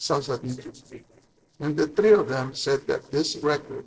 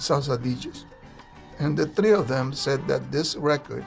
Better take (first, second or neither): second